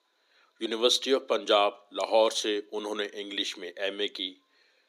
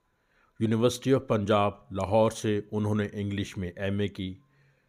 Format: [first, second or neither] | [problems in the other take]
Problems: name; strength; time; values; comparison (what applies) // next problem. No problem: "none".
second | thin; very; fading below 300 Hz